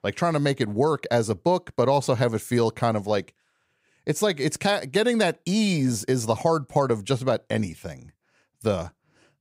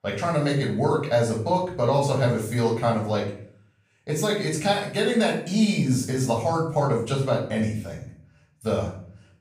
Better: first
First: none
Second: off-mic speech; far // room echo; noticeable; dies away in 0.5 s

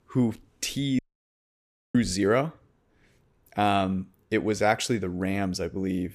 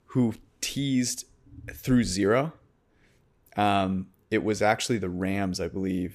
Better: second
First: audio cutting out; at 1 s for 1 s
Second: none

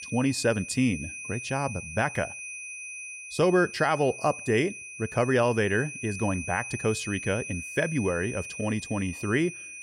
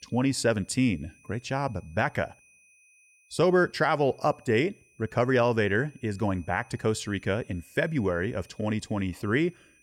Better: second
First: high-pitched whine; loud; throughout; 2.5 kHz, 9 dB below the speech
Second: high-pitched whine; faint; throughout; 2.5 kHz, 30 dB below the speech

